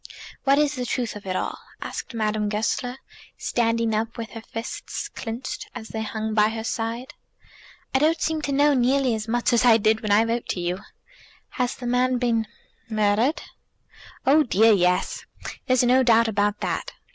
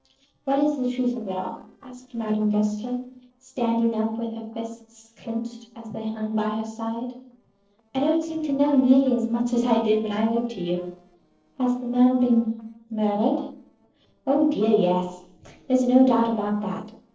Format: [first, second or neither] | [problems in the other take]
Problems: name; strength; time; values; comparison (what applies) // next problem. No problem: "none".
first | noise reduction (neural separator model SepFormer DNS4)